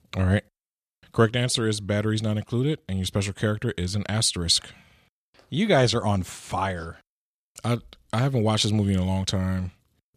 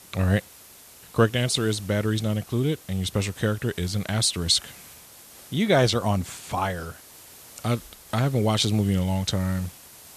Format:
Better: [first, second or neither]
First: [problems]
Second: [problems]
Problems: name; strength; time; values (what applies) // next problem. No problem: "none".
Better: first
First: none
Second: hiss; faint; throughout; 20 dB below the speech